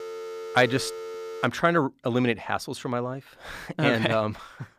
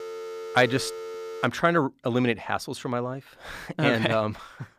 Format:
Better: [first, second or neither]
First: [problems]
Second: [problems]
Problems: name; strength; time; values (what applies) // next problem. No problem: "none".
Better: neither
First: phone ringing; faint; until 1.5 s; peak 10 dB below the speech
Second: phone ringing; faint; until 1.5 s; peak 10 dB below the speech